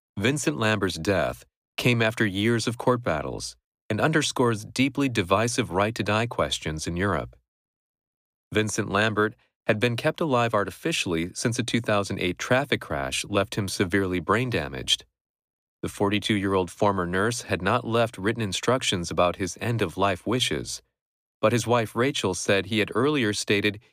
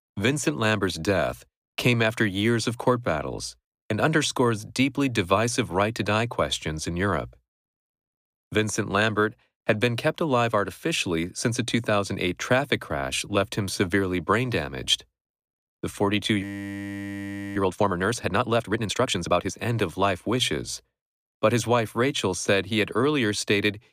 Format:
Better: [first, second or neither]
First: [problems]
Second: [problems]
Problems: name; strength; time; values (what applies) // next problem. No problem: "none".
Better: first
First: none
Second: audio freezing; at 16 s for 1 s